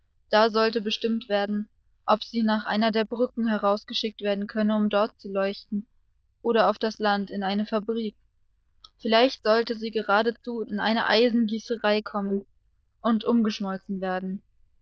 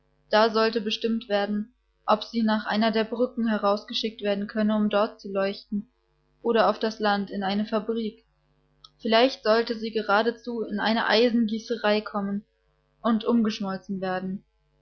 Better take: second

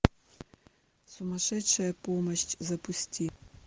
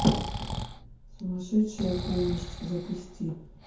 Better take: first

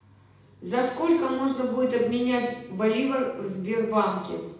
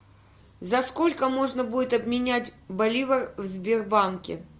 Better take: second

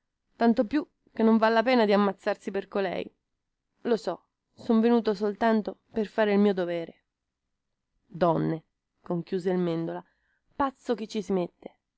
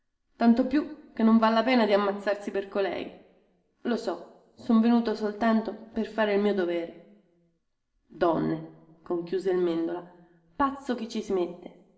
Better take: first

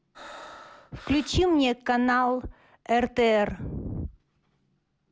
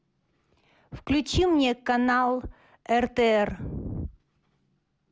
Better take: second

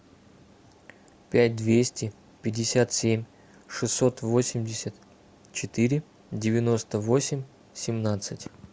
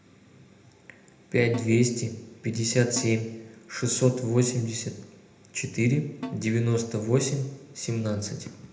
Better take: first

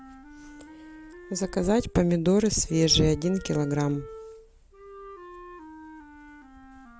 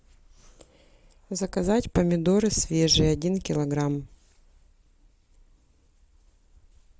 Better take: second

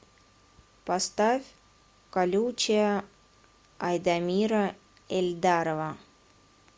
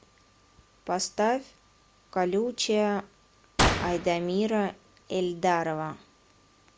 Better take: first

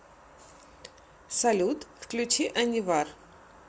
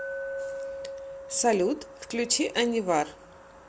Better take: first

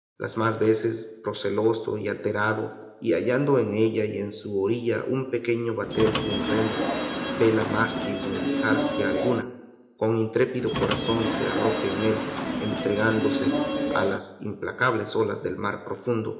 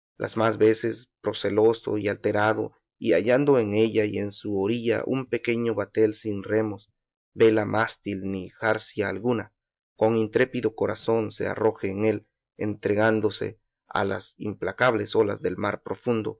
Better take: second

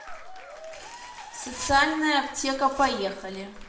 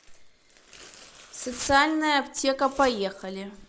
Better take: second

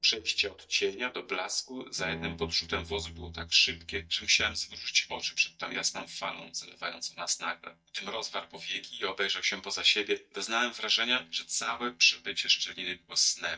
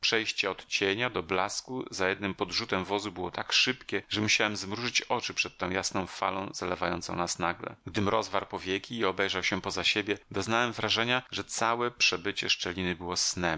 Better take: second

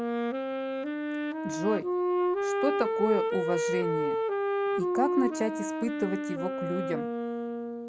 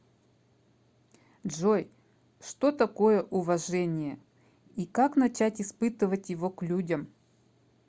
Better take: second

